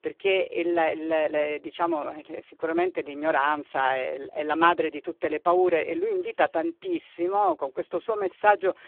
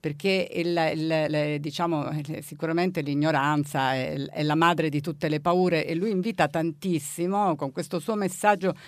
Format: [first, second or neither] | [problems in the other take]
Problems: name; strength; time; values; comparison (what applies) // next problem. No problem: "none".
second | phone-call audio; poor line